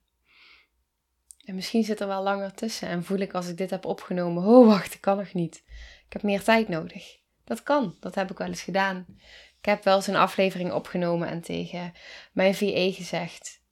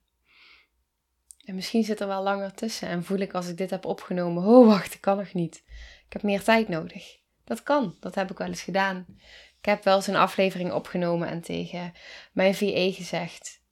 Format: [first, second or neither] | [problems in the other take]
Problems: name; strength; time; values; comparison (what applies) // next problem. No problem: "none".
neither | none